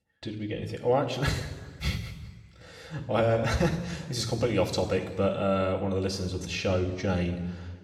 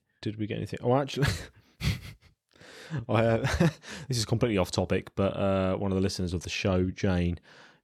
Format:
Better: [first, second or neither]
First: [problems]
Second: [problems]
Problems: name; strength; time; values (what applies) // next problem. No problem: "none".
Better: second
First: room echo; slight; dies away in 1.2 s // off-mic speech; somewhat distant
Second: none